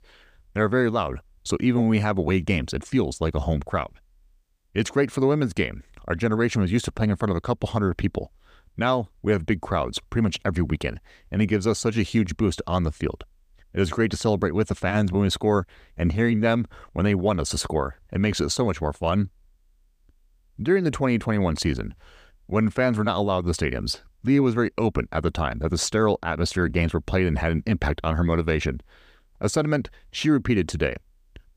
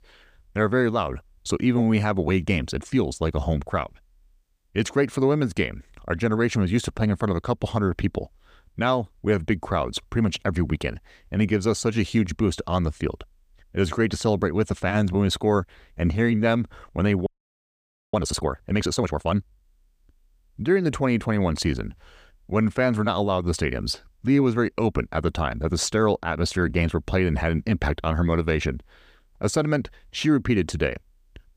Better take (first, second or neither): first